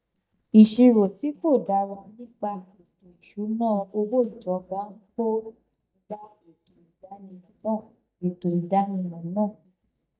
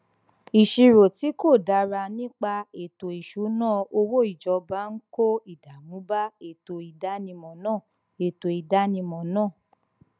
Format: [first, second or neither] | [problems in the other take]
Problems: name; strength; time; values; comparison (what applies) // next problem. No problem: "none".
second | noise reduction (neural mask model DeepFilterNet 3)